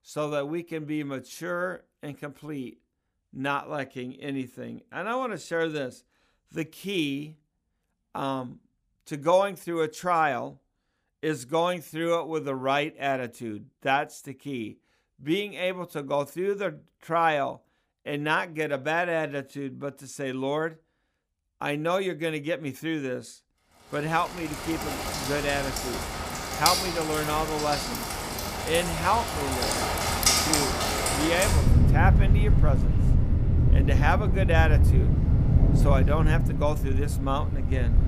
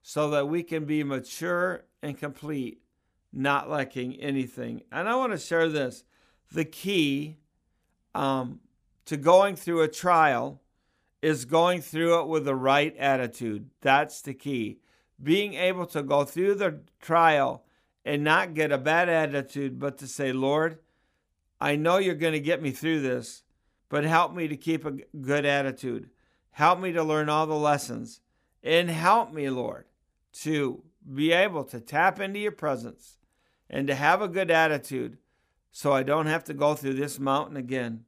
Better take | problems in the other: second | rain or running water; very loud; from 24 s on; 5 dB above the speech

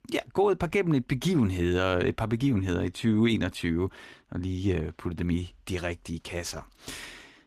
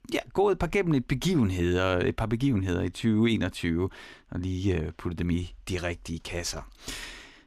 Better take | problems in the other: second | garbled, watery; slightly; nothing above 14.5 kHz

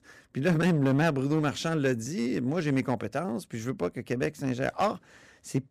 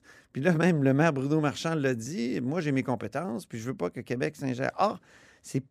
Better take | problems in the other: second | distortion; slight; 4% of the sound clipped

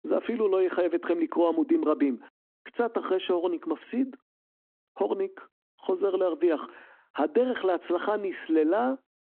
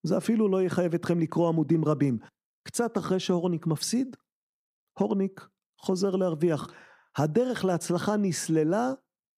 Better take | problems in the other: second | phone-call audio

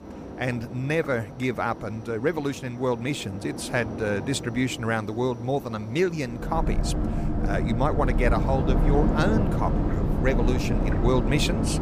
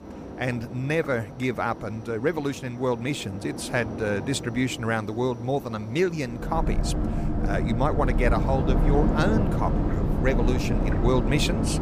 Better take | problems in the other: neither | train or aircraft noise; very loud; throughout; as loud as the speech; the same in both

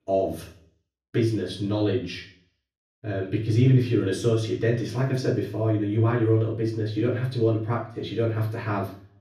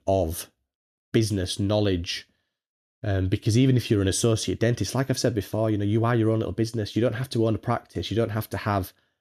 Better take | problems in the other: second | room echo; slight; dies away in 0.5 s // off-mic speech; far

